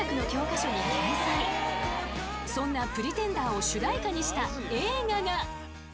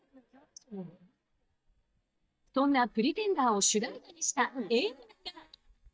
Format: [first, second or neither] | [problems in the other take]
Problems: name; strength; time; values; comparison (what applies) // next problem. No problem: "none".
first | noise reduction (neural mask model DeepFilterNet 3)